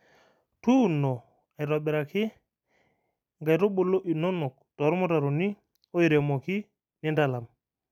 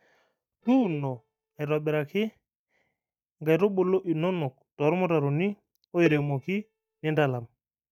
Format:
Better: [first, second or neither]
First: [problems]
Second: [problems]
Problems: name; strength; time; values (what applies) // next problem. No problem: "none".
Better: first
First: none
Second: noise reduction (neural mask model DeepFilterNet 3)